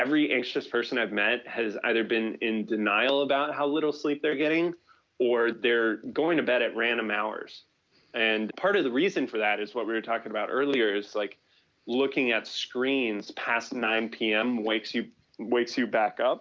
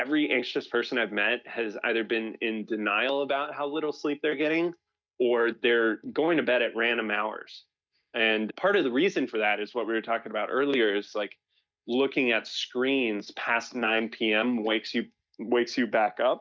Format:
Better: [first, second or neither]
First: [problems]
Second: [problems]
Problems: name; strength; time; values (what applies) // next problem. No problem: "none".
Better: first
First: none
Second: noise reduction (neural mask model DeepFilterNet 3)